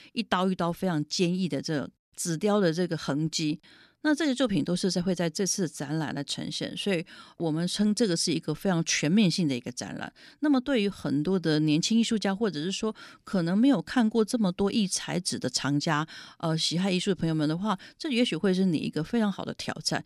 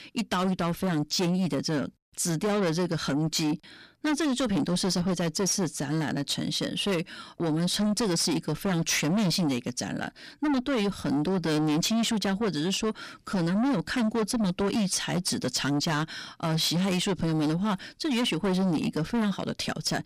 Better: first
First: none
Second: distortion; heavy; 7 dB below the speech

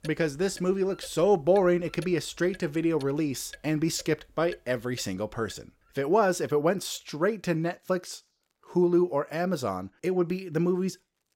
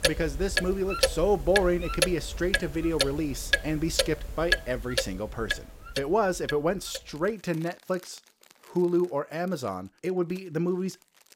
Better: first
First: household noises; faint; throughout; 25 dB below the speech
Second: household noises; loud; throughout; 1 dB below the speech

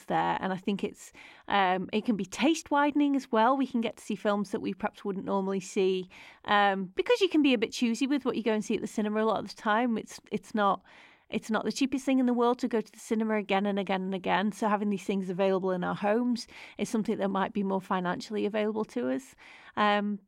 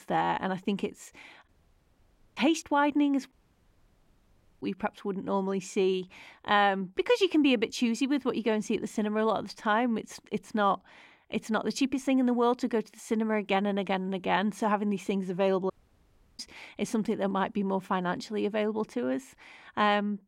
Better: first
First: none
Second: audio cutting out; at 1.5 s for 1 s, at 3.5 s for 1.5 s and at 16 s for 0.5 s

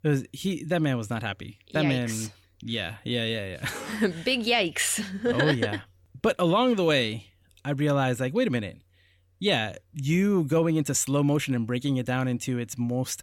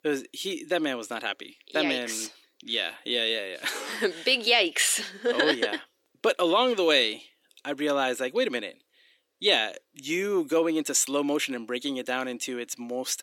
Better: first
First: none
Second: thin; somewhat; fading below 350 Hz

